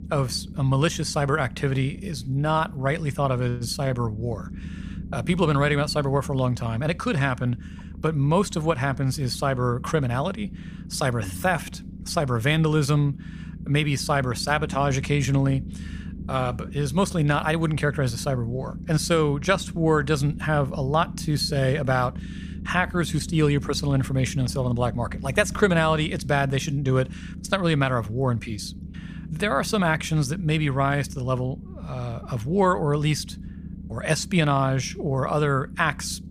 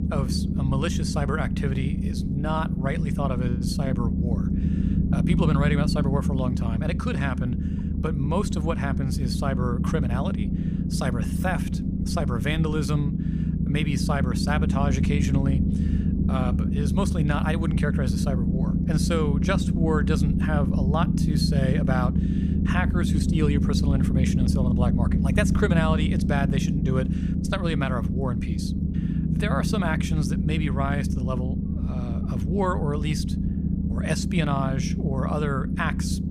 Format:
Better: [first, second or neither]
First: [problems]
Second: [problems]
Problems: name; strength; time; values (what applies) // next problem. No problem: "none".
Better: first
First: low rumble; faint; throughout; 20 dB below the speech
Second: low rumble; loud; throughout; 3 dB below the speech